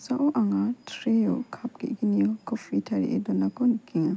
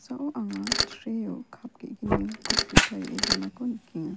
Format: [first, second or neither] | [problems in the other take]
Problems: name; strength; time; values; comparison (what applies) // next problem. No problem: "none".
first | background sound (Mechanisms + Fire); 4 dB above the speech